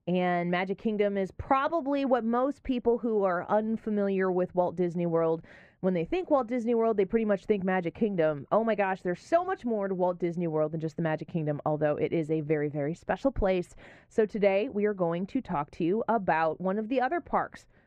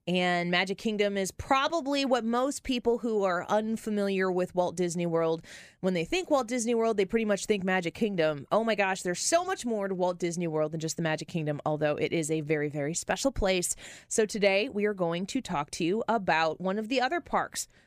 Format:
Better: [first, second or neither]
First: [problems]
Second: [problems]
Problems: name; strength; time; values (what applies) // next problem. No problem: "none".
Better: second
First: muffled; very; fading above 3.5 kHz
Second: none